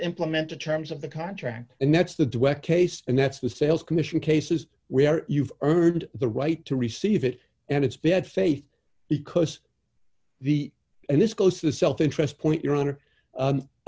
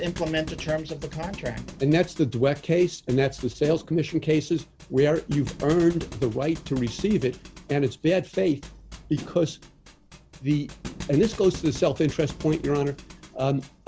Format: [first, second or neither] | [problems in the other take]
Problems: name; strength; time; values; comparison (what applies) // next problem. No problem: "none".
first | background sound (Thump, thud); 15 dB below the speech